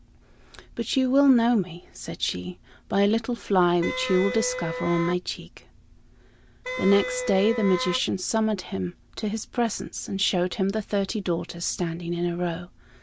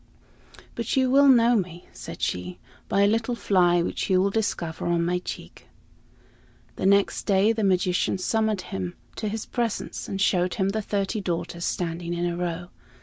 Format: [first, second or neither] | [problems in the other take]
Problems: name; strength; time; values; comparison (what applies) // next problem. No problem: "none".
second | background sound (Wind instrument, woodwind instrument); 6 dB below the speech